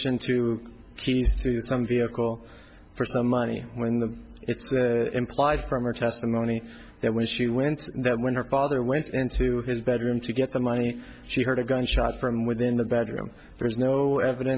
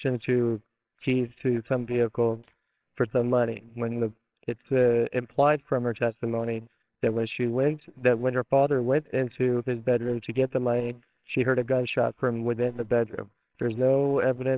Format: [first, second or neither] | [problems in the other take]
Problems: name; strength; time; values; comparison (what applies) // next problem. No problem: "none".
first | noise reduction (neural separator model SepFormer WHAMR!)